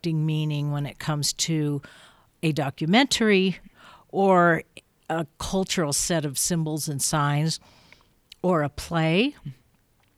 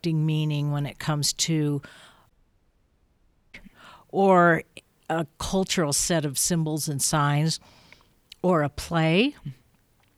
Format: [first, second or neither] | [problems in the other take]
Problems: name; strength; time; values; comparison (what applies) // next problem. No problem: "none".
first | audio cutting out; at 2.5 s for 1 s